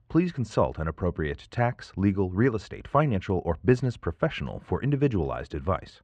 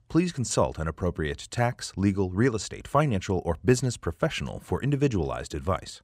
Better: second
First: muffled; slightly; fading above 2.5 kHz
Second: none

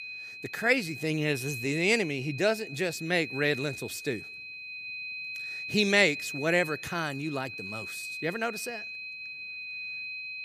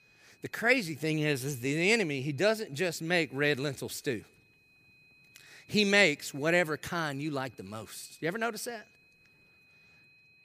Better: second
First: high-pitched whine; loud; throughout; 2.5 kHz, 9 dB below the speech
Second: high-pitched whine; faint; throughout; 2.5 kHz, 30 dB below the speech

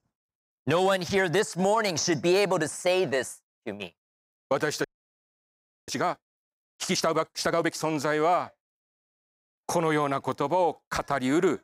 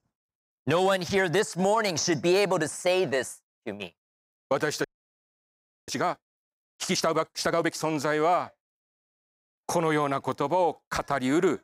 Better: neither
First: audio freezing; at 5 s for 1 s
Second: audio freezing; at 5 s for 1 s

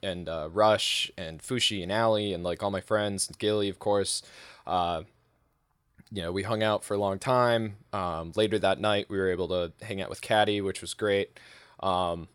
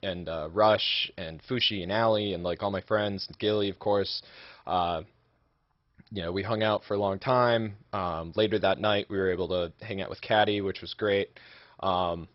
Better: first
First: none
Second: garbled, watery; badly; nothing above 5.5 kHz

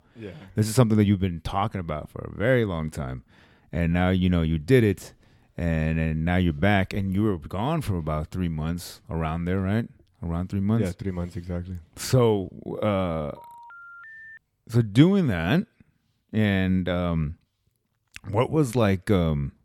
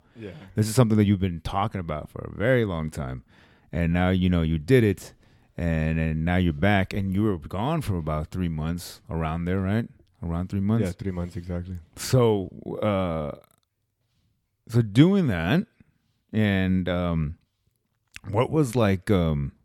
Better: second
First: phone ringing; faint; from 13 to 14 s; peak 15 dB below the speech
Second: none

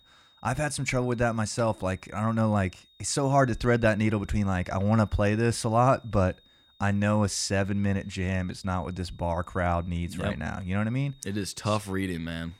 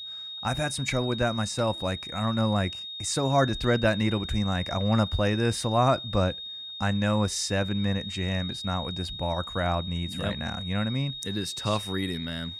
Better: first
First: high-pitched whine; faint; throughout; 3.5 kHz, 30 dB below the speech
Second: high-pitched whine; loud; throughout; 3.5 kHz, 7 dB below the speech

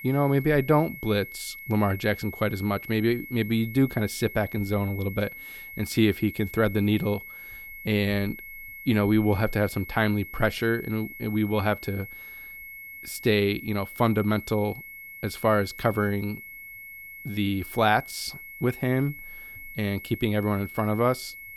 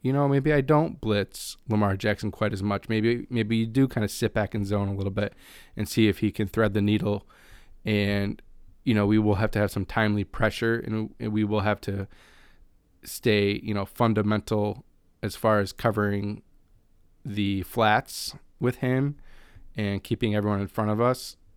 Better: second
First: high-pitched whine; noticeable; throughout; 2 kHz, 15 dB below the speech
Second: none

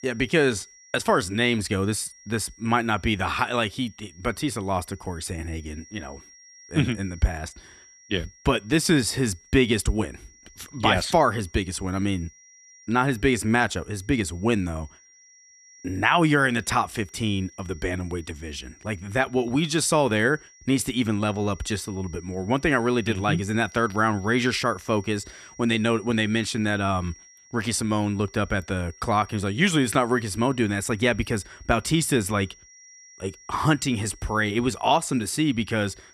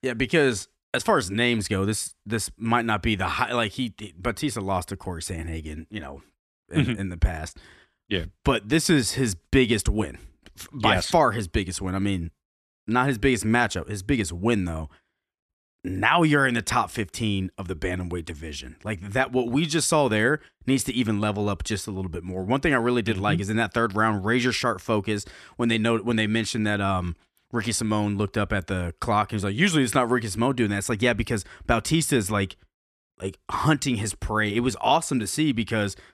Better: second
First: high-pitched whine; faint; throughout; 5.5 kHz, 25 dB below the speech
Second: none

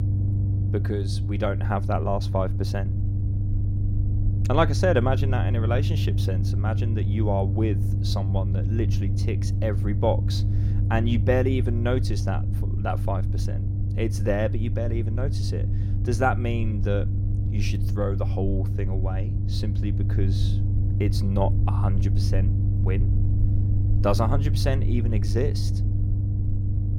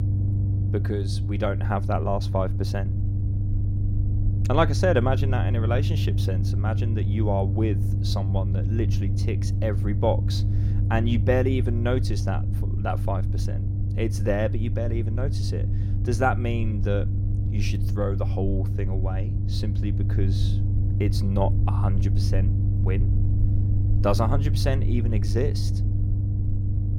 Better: neither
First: low rumble; loud; throughout; 9 dB below the speech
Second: low rumble; loud; throughout; 9 dB below the speech

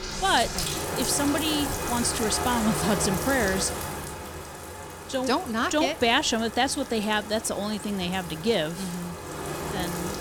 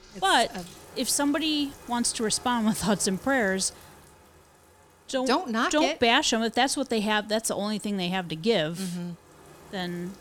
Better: second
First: household noises; loud; throughout; 6 dB below the speech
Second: household noises; faint; throughout; 25 dB below the speech

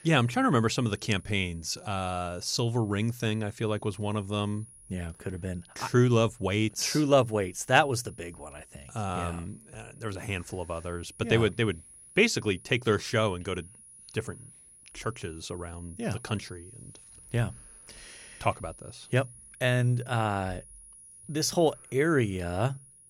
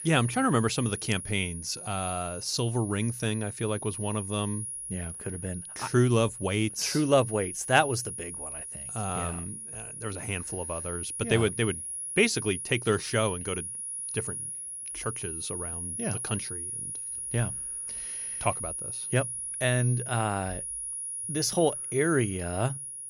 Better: first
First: high-pitched whine; faint; throughout; 10.5 kHz, 20 dB below the speech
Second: high-pitched whine; loud; throughout; 10.5 kHz, 5 dB below the speech

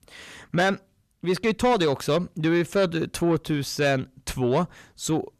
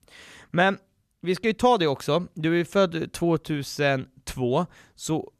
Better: second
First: distortion; slight; 10 dB below the speech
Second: none

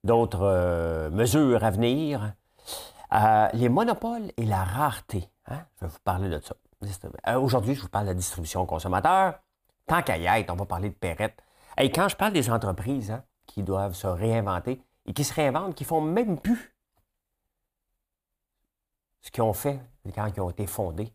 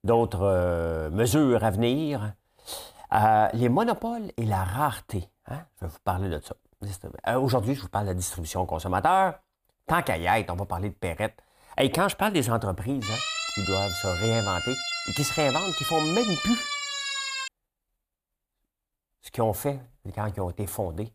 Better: first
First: none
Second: siren; noticeable; from 13 to 17 s; peak 1 dB below the speech

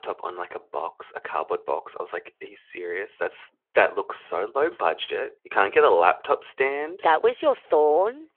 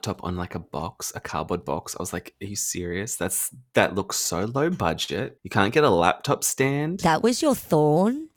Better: second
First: phone-call audio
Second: none

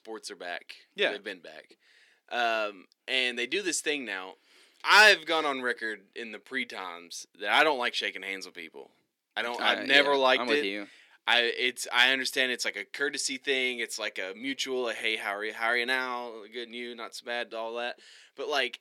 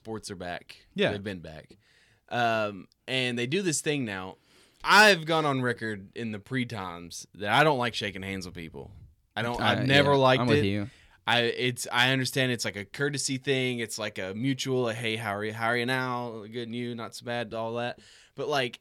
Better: second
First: thin; somewhat; fading below 300 Hz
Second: none

